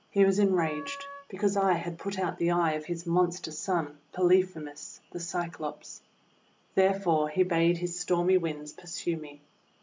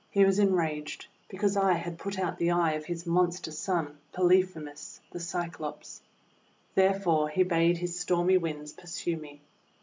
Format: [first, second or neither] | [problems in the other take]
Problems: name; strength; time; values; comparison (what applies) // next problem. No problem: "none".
second | background sound (Wind instrument, woodwind instrument); 16 dB below the speech